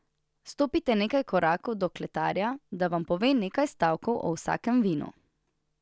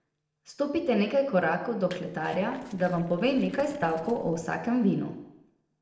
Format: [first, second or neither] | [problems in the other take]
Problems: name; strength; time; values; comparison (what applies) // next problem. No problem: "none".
first | noise reduction (neural separator model SepFormer DNS4)